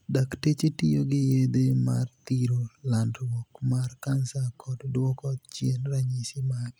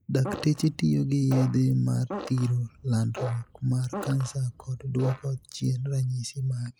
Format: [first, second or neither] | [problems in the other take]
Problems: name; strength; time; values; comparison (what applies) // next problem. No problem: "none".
first | noise reduction (neural mask model Resemble Enhance denoiser)